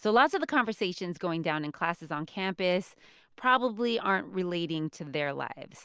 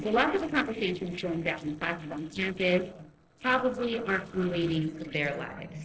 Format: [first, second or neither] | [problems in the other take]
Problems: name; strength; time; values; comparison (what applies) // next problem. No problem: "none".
first | noise reduction (neural separator model SepFormer DNS4)